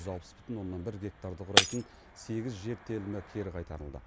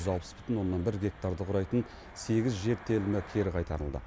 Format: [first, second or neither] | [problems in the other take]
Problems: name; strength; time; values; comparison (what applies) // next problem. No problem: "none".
second | background sound (Shatter); 3 dB above the speech